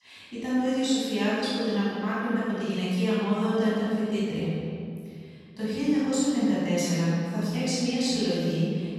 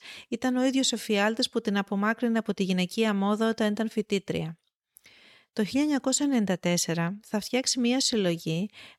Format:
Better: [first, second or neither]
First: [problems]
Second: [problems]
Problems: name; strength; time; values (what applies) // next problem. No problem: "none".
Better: second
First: off-mic speech; far // room echo; strong; dies away in 3 s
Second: none